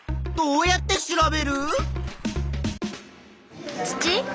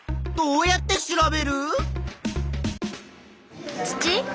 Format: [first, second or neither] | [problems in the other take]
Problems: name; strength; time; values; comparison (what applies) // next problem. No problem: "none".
second | background sound (Squeak); 14 dB below the speech